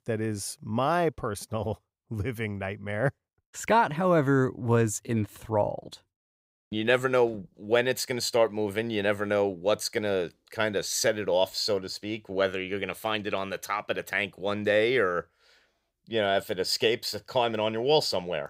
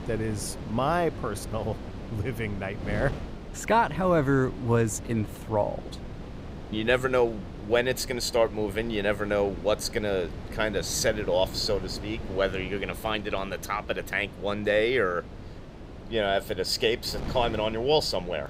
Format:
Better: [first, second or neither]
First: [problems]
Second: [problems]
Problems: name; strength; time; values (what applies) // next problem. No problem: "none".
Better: first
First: none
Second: wind noise on the microphone; occasional gusts; 15 dB below the speech